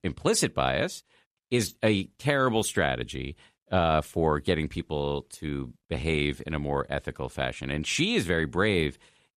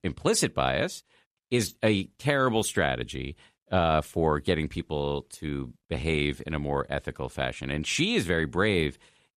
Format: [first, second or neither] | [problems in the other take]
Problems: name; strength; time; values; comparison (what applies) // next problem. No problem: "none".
neither | none